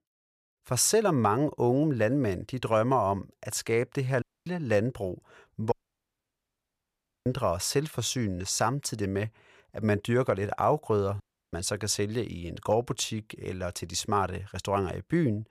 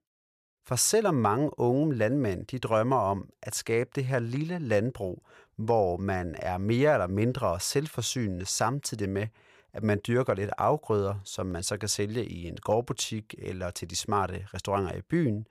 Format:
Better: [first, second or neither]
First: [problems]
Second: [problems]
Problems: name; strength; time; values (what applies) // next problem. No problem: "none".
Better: second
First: audio cutting out; at 4 s, at 5.5 s for 1.5 s and at 11 s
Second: none